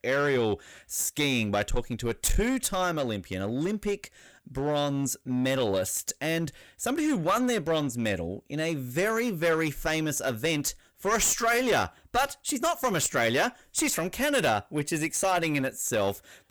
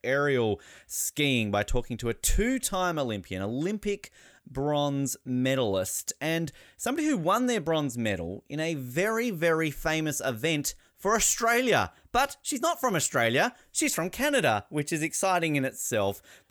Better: second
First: distortion; slight; 7% of the sound clipped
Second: none

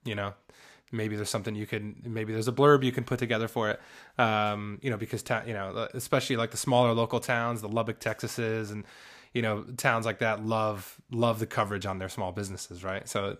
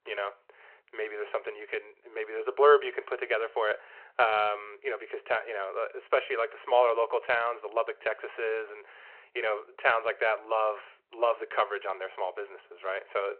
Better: first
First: none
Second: phone-call audio

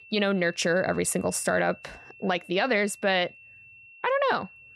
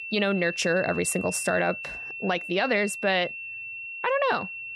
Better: first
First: high-pitched whine; faint; throughout; 2.5 kHz, 20 dB below the speech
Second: high-pitched whine; loud; throughout; 2.5 kHz, 8 dB below the speech

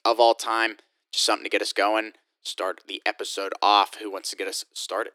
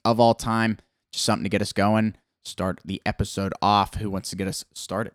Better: second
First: thin; very; fading below 300 Hz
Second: none

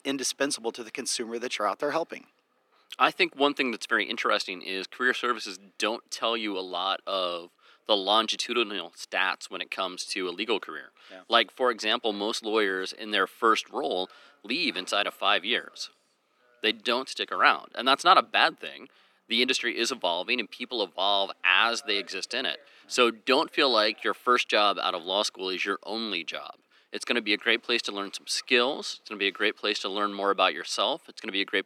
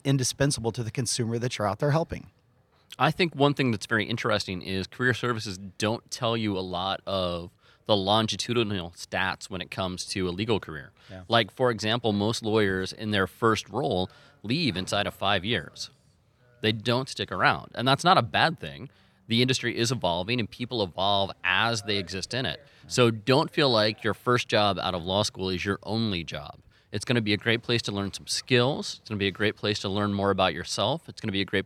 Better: second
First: thin; somewhat; fading below 250 Hz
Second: none

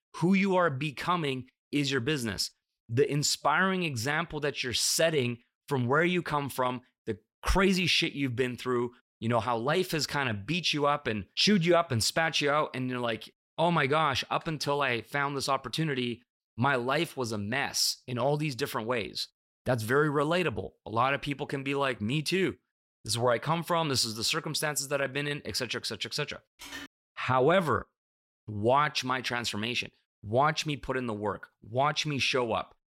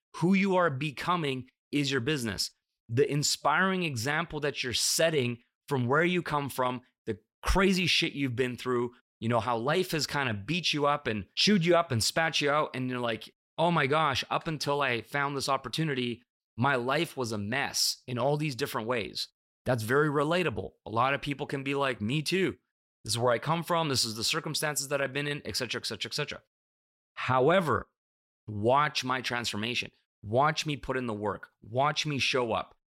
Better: second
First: phone ringing; faint; at 27 s; peak 15 dB below the speech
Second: none

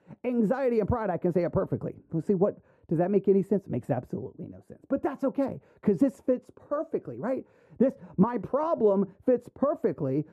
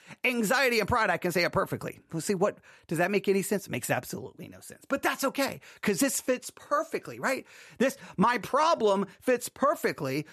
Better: second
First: muffled; very; fading above 1.5 kHz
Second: none

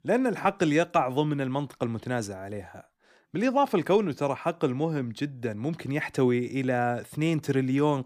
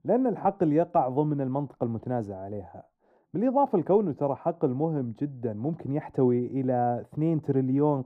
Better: first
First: none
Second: muffled; very; fading above 1.5 kHz

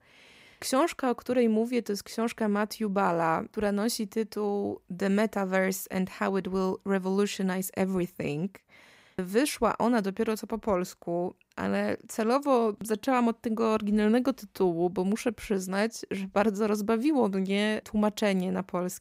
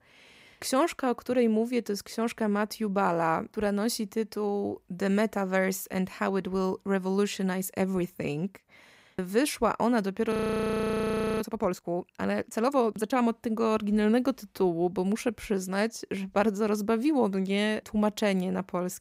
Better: first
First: none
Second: audio freezing; at 10 s for 1 s

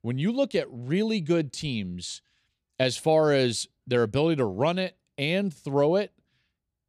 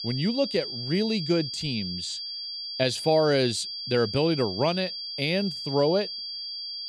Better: first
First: none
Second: high-pitched whine; loud; throughout; 4.5 kHz, 6 dB below the speech

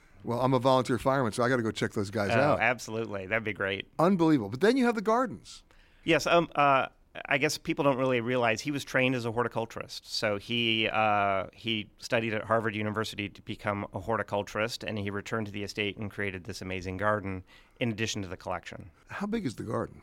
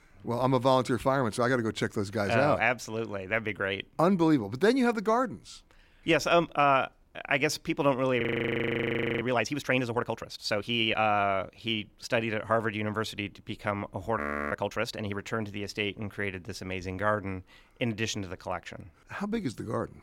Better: first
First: none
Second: audio freezing; at 8 s for 1 s and at 14 s

